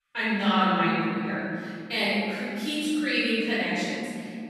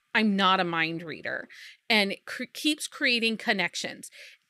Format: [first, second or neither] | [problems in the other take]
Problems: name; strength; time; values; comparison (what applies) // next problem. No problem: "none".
second | off-mic speech; far // room echo; strong; dies away in 2.9 s